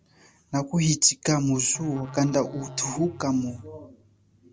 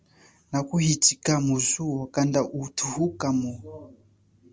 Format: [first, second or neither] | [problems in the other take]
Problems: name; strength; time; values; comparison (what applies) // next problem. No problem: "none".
second | background sound (Musical instrument); 16 dB below the speech